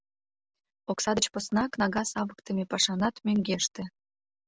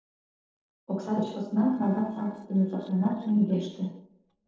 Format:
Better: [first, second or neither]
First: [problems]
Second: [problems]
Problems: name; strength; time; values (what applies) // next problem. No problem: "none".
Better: first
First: none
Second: noise reduction (neural separator model SepFormer DNS4)